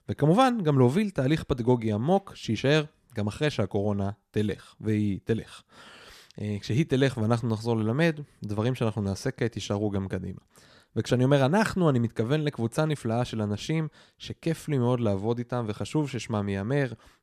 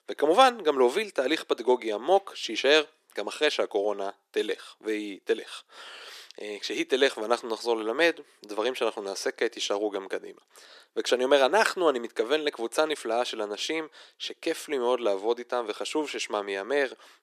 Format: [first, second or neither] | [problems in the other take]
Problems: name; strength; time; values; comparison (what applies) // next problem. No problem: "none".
first | thin; very; fading below 350 Hz